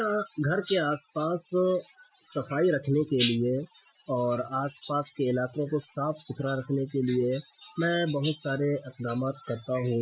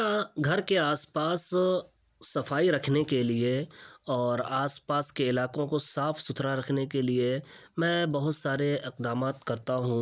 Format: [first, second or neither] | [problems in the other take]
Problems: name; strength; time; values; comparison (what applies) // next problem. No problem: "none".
second | noise reduction (classical method Wiener filter)